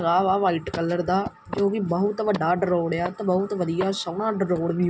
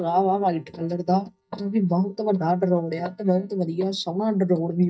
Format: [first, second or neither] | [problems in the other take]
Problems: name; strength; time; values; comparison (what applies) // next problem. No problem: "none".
first | noise reduction (neural mask model DeepFilterNet 3)